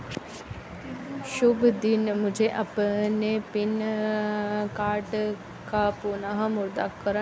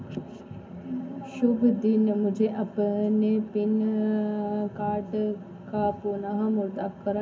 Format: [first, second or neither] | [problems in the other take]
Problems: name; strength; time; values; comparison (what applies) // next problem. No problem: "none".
first | room echo; dies away in 0.3 s